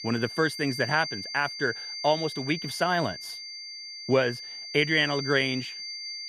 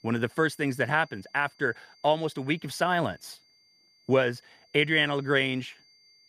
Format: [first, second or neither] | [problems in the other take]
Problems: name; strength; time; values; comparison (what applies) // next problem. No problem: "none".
second | high-pitched whine; loud; throughout; 4.5 kHz, 8 dB below the speech; faint in the second